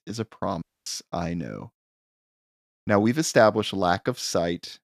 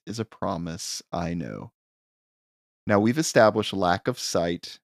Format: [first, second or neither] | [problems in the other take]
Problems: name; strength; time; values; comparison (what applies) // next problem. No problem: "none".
second | audio cutting out; at 0.5 s